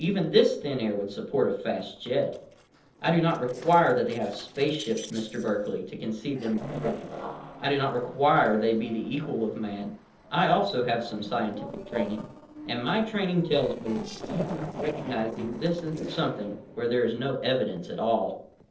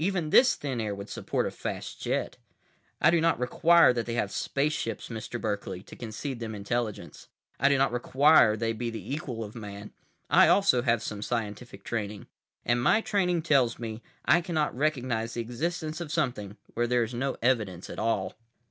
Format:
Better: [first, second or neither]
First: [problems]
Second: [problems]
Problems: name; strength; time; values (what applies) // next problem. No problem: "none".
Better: second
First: noise reduction (neural separator model SepFormer DNS4)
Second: none